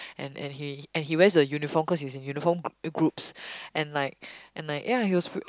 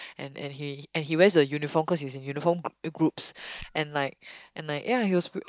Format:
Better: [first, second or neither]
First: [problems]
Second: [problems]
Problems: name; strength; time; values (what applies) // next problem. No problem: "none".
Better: first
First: none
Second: noise reduction (neural mask model DeepFilterNet 3)